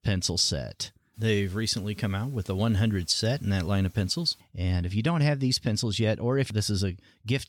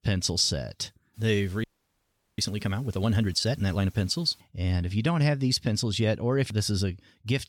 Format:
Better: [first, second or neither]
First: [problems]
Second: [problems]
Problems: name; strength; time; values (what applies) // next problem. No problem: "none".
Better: first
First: none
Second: audio freezing; at 1.5 s for 0.5 s